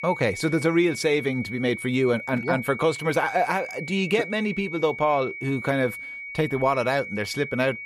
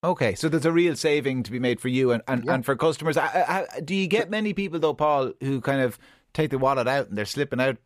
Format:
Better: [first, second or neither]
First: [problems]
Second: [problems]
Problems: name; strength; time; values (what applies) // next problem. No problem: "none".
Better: second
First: high-pitched whine; loud; throughout; 2 kHz, 9 dB below the speech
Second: none